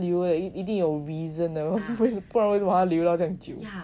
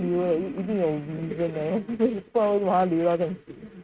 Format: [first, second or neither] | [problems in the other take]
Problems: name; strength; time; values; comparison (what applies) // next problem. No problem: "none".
first | noise reduction (neural mask model RNNoise)